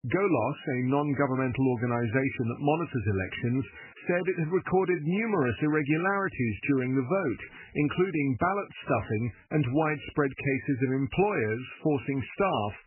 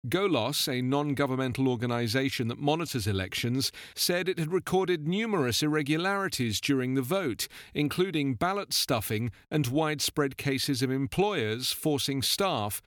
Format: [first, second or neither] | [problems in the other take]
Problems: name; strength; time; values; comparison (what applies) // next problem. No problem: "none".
second | garbled, watery; badly; nothing above 3 kHz